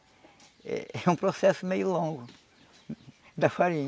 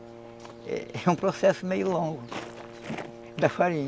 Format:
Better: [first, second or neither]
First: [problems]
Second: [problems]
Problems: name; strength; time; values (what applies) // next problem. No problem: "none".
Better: first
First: none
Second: background sound (Walk, footsteps + Brass instrument); 14 dB below the speech